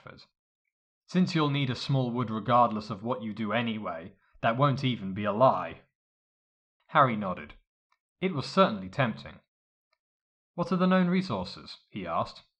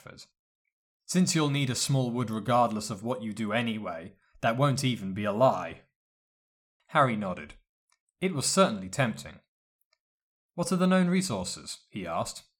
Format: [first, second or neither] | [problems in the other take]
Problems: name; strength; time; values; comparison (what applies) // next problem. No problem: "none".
second | muffled; slightly; fading above 4 kHz